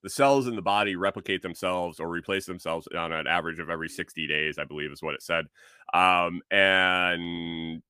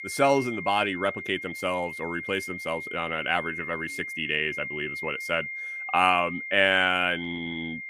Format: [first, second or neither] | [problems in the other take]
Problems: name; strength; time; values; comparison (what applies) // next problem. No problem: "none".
first | high-pitched whine; loud; throughout; 2 kHz, 7 dB below the speech